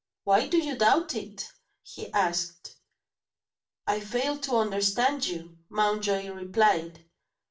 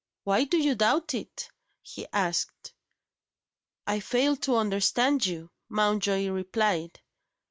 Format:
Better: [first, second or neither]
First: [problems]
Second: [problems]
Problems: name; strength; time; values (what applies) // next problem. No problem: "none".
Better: second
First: room echo; dies away in 0.3 s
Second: none